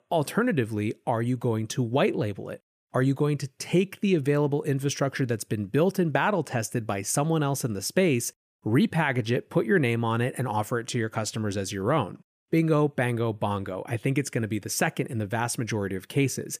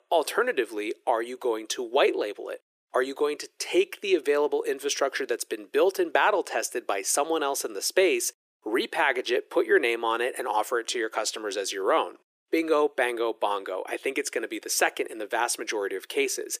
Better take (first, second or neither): first